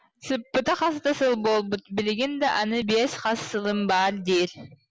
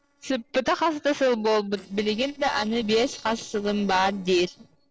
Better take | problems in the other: first | noise reduction (neural separator model SepFormer DNS4)

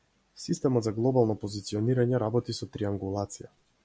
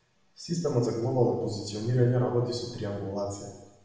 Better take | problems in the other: first | room echo; dies away in 0.9 s

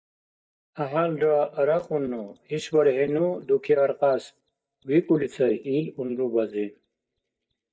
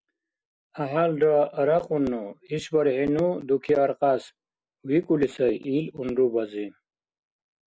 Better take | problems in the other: second | noise reduction (neural mask model DeepFilterNet 3)

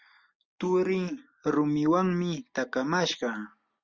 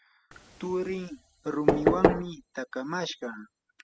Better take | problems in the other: first | noise reduction (classical method spectral subtraction)

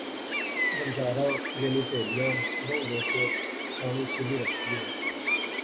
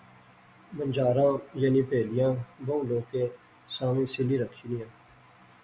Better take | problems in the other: second | background sound (Gull, seagull); 1 dB above the speech

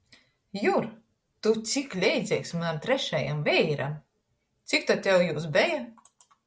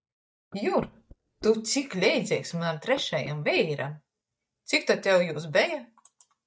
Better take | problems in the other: first | noise reduction (neural mask model DeepFilterNet 3)

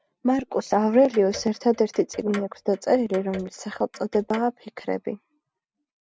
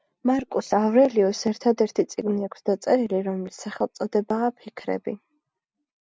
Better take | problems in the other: second | background sound (Clock); 19 dB below the speech

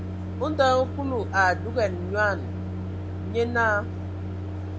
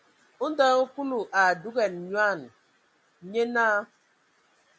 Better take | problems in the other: second | background sound (Microwave oven); 5 dB below the speech

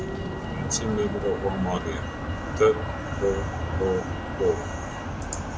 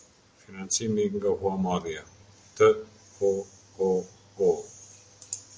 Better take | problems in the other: second | background sound (Motor vehicle (road)); 2 dB below the speech

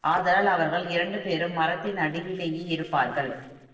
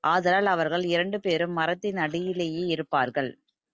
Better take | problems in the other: second | noise reduction (neural separator model SepFormer DNS4)

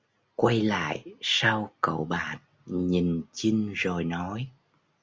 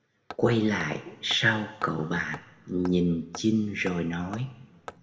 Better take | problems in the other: first | background sound (Hammer); 19 dB below the speech // room echo; dies away in 1.4 s

